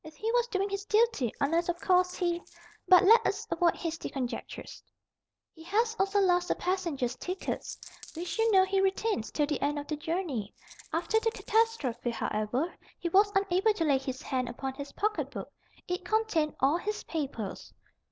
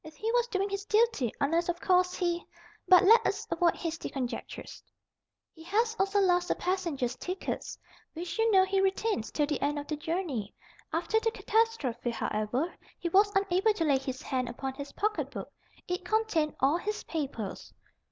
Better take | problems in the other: second | noise reduction (neural separator model SepFormer DNS4)

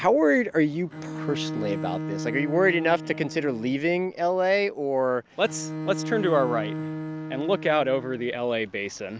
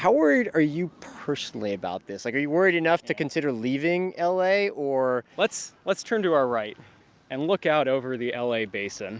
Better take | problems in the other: second | background sound (Bowed string instrument); 10 dB below the speech

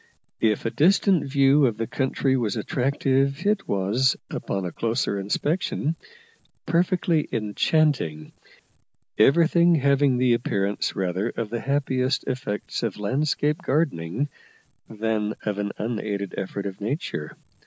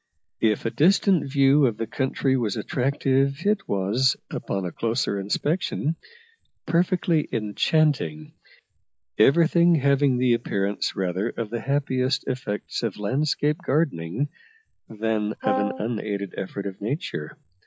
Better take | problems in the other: first | noise reduction (classical method log-MMSE)

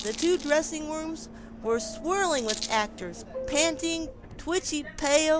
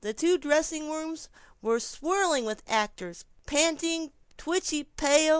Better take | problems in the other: second | background sound (Rattle + Subway, metro, underground); 11 dB below the speech

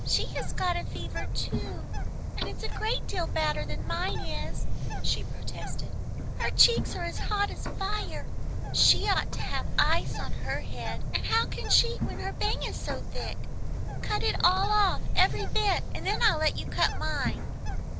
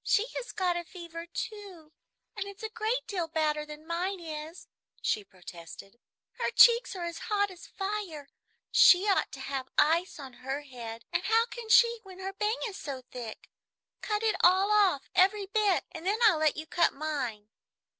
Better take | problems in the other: second | background sound (Bird); 2 dB above the speech

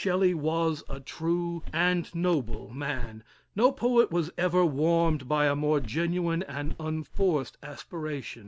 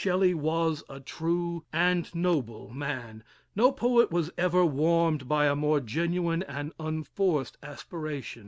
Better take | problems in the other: second | background sound (Walk, footsteps); 7 dB below the speech

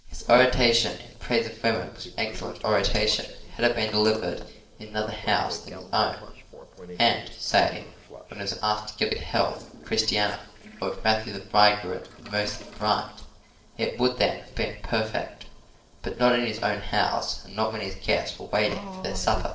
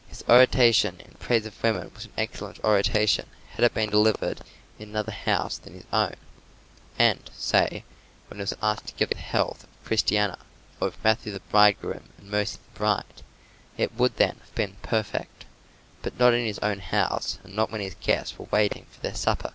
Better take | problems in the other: second | noise reduction (neural separator model SepFormer DNS4)

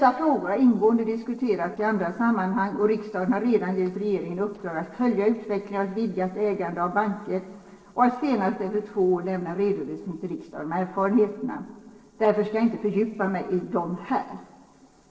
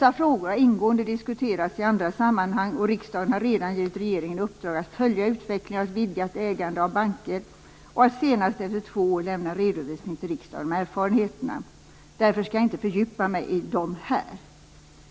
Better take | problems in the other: second | noise reduction (neural separator model SepFormer DNS4)

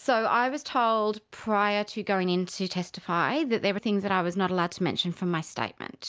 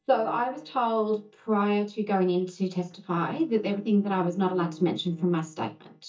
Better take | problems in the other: first | noise reduction (neural mask model DeepFilterNet 3)

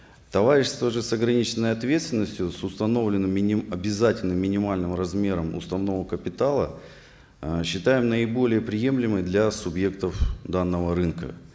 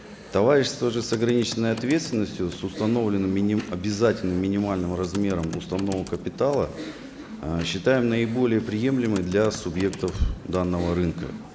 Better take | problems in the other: first | background sound (Computer keyboard); 16 dB below the speech

